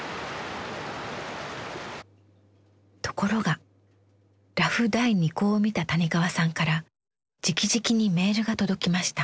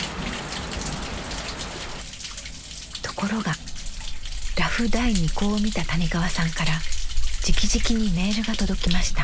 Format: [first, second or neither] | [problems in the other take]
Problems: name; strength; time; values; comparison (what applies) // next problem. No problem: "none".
first | background sound (Thunder); 3 dB above the speech